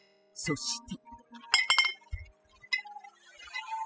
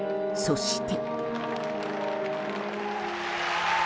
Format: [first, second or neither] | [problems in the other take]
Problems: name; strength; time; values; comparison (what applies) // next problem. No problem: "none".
second | noise reduction (classical method spectral subtraction)